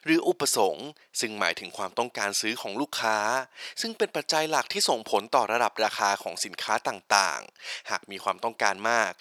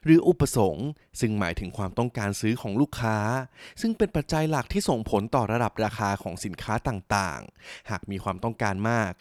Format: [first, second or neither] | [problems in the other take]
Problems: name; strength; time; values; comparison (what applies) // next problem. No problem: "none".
second | thin; very; fading below 550 Hz